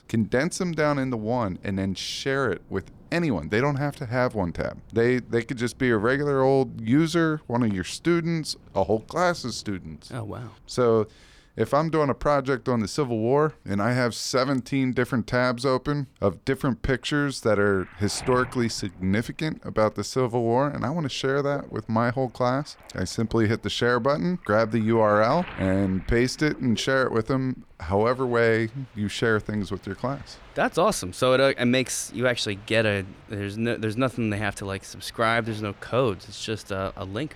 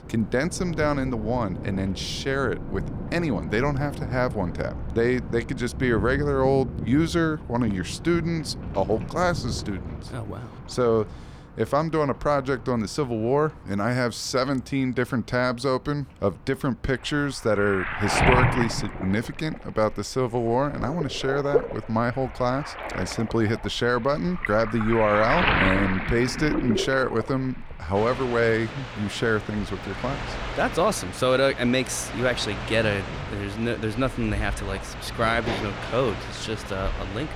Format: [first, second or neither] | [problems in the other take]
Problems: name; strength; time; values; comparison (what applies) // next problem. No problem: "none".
first | rain or running water; loud; throughout; 6 dB below the speech; faint in the first